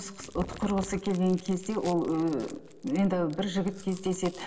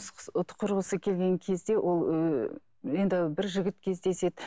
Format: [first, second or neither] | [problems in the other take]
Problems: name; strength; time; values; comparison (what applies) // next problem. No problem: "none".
second | background sound (Chewing, mastication); 16 dB below the speech // room echo; dies away in 1.3 s